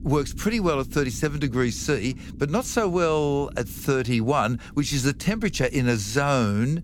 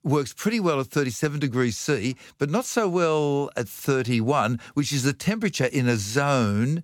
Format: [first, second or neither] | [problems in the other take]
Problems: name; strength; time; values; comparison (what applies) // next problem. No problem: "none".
second | low rumble; faint; throughout; 25 dB below the speech